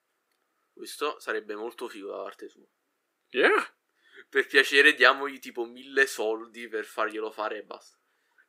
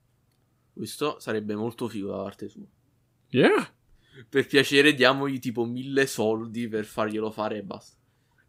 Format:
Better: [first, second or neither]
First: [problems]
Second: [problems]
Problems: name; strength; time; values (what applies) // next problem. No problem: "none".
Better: second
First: thin; very; fading below 350 Hz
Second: none